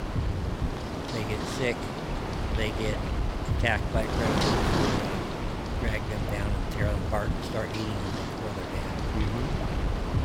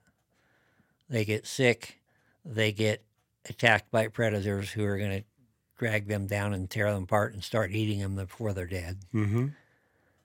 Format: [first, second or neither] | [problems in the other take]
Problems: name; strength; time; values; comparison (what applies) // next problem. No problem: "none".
second | wind noise on the microphone; heavy; 1 dB above the speech